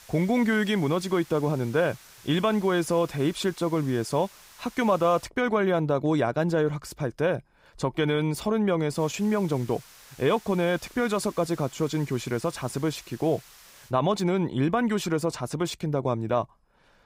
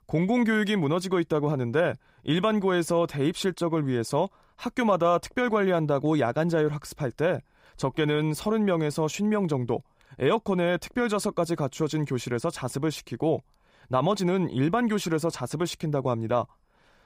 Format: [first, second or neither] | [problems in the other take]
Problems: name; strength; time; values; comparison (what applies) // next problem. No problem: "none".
second | hiss; faint; until 5.5 s and from 9 to 14 s; 20 dB below the speech